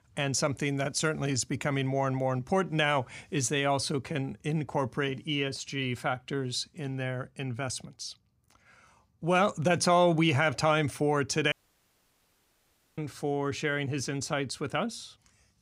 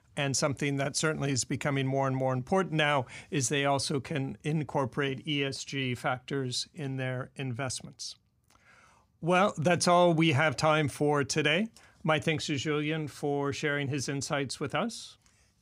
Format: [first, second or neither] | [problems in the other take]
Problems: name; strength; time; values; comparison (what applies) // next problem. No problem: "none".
second | audio cutting out; at 12 s for 1.5 s